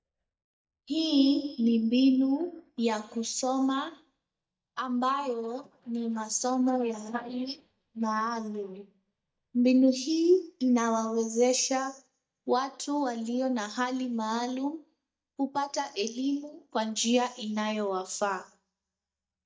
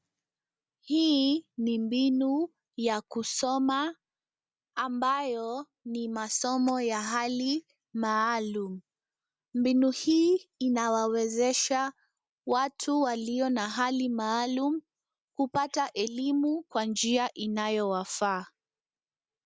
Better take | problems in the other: second | noise reduction (neural mask model DeepFilterNet 3)

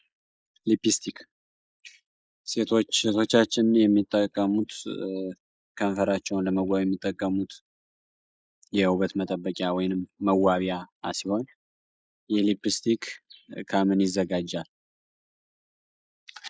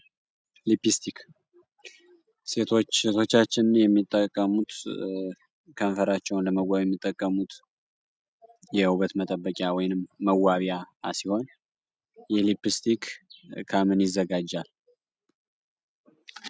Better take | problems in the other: second | noise reduction (neural mask model Resemble Enhance denoiser)

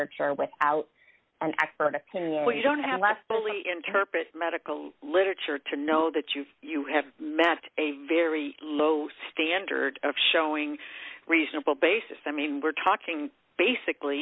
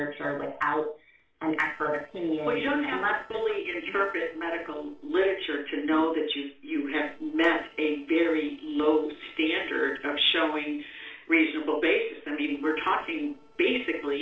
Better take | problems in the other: first | noise reduction (neural separator model SepFormer DNS4)

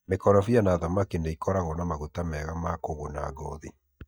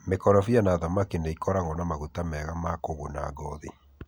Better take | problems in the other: second | noise reduction (neural mask model DeepFilterNet 3)

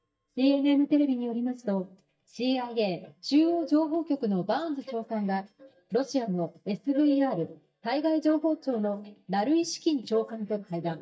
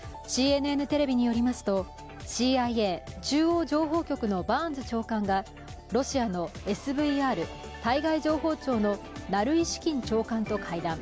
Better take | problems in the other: second | noise reduction (neural mask model DeepFilterNet 3)

